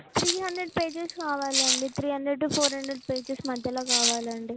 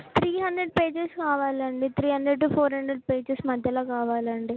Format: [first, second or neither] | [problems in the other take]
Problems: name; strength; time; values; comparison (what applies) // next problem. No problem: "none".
second | background sound (Rattle (instrument)); 1 dB below the speech